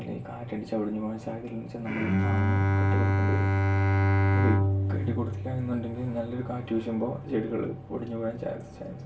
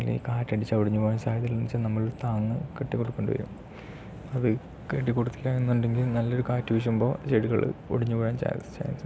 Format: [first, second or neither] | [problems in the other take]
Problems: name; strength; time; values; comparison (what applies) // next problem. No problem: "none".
second | background sound (Bowed string instrument); 5 dB above the speech // room echo; dies away in 0.3 s